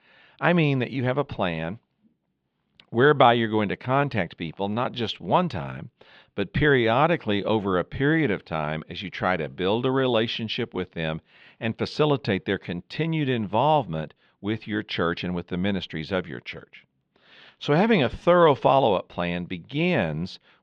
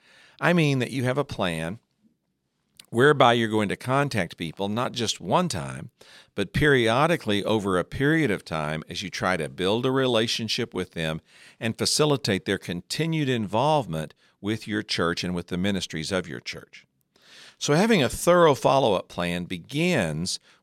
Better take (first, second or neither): second